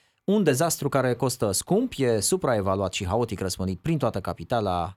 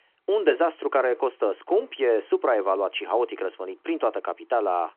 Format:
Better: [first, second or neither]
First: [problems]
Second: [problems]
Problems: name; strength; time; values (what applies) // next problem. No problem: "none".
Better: first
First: none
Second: phone-call audio